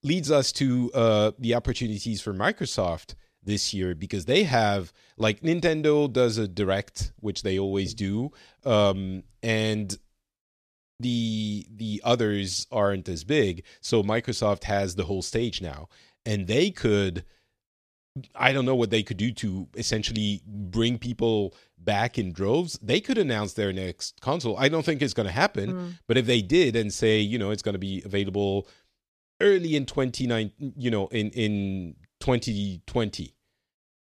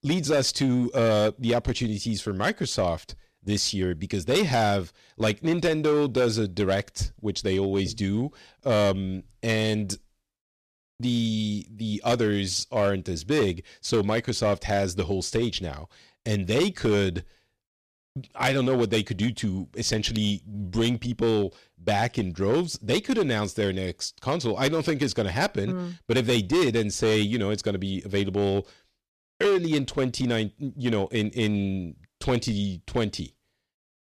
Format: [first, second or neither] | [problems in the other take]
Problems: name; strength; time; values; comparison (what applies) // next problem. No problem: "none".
first | distortion; slight; 7% of the sound clipped